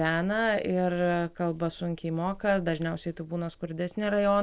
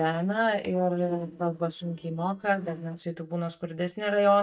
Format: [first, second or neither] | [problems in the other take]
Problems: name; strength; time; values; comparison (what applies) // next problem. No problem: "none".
first | noise reduction (neural mask model DeepFilterNet 3)